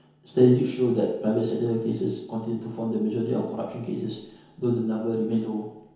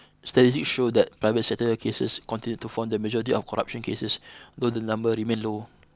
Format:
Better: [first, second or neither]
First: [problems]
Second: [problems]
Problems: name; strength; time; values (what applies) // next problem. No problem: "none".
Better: second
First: room echo; dies away in 1 s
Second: none